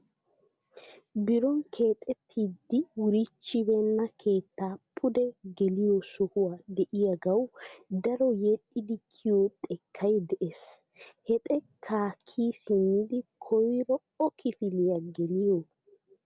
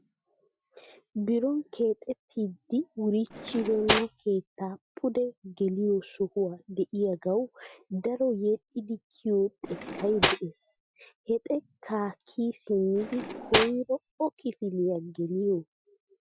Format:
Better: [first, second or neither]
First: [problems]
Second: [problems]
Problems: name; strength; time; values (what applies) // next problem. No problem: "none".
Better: first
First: none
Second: noise reduction (classical method Wiener filter)